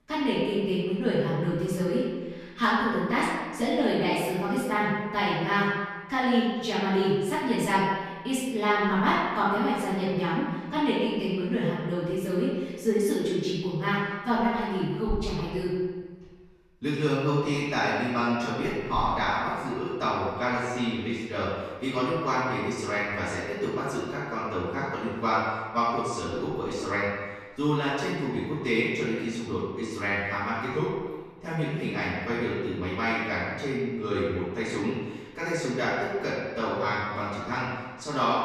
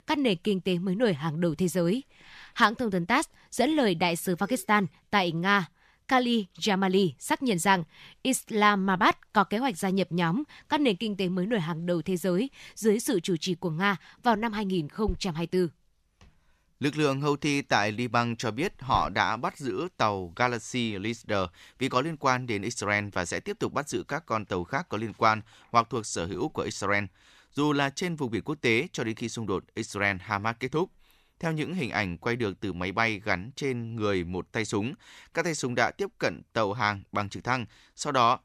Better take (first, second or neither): second